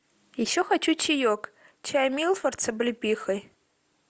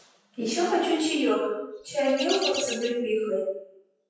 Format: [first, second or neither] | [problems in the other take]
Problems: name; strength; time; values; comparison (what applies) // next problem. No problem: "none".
first | noise reduction (classical method WPE with log-MMSE)